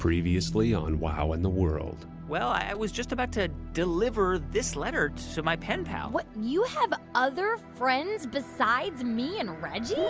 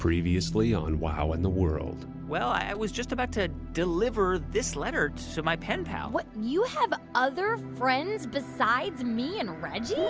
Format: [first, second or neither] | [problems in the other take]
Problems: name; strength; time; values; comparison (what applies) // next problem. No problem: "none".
first | background sound (Bass guitar); 17 dB below the speech